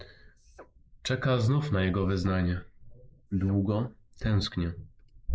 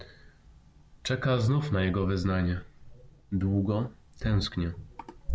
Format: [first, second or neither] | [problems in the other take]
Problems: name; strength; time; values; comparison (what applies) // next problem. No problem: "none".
second | noise reduction (neural mask model Resemble Enhance denoiser)